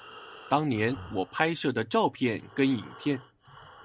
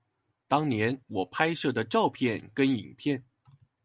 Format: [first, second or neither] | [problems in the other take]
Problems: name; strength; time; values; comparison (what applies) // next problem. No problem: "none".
second | background sound (Breathing); 20 dB below the speech